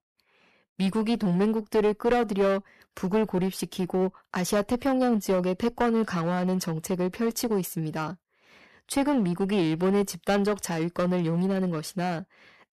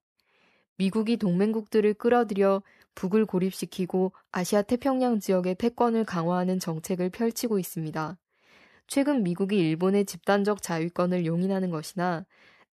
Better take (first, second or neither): second